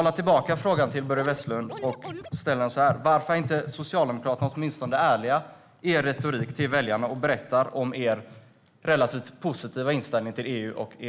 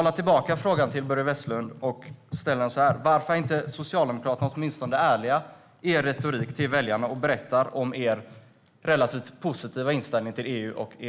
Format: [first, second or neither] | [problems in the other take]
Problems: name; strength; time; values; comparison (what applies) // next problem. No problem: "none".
second | background sound (Scratching (performance technique)); 13 dB below the speech